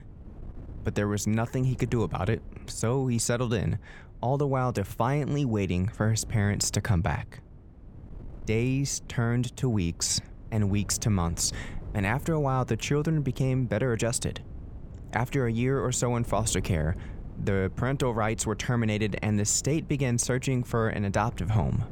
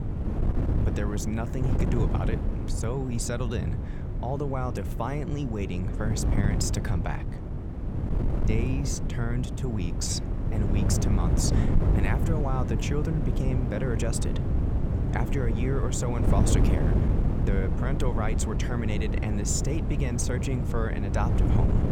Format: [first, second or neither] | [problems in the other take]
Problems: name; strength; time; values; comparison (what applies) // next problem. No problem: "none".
first | wind noise on the microphone; heavy; 3 dB below the speech; occasional gusts in the first